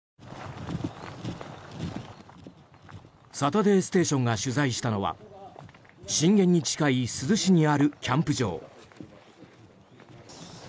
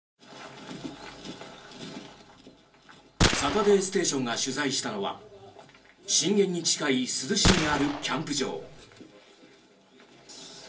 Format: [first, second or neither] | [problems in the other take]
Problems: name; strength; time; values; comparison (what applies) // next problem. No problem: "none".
first | background sound (Gunshot, gunfire); 1 dB above the speech // room echo; dies away in 0.3 s